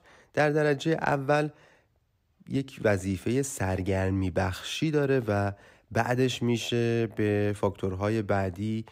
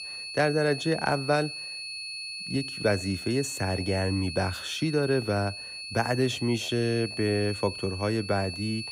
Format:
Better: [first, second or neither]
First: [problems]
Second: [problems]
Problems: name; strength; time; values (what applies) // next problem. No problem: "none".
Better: first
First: none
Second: high-pitched whine; loud; throughout; 4.5 kHz, 7 dB below the speech